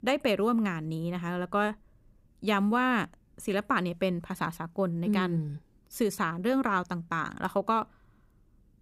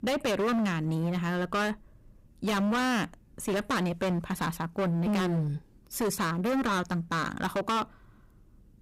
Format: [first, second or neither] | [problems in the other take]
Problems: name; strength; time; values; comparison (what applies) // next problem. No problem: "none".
first | distortion; heavy; 21% of the sound clipped